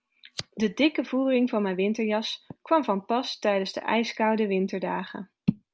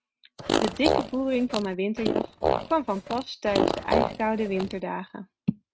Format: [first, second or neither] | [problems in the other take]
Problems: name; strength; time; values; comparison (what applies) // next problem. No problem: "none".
first | noise reduction (neural mask model RNNoise)